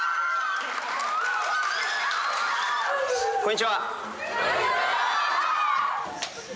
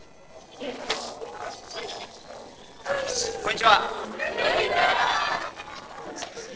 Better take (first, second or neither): first